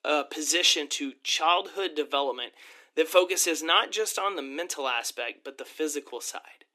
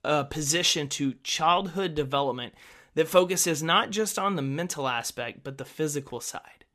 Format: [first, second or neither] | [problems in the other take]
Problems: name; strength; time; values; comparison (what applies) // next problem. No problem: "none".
second | thin; somewhat; fading below 300 Hz